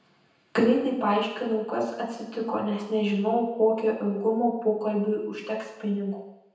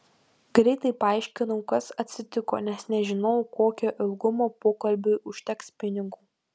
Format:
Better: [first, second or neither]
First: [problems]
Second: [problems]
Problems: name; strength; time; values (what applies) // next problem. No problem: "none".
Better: second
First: room echo; dies away in 0.9 s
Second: none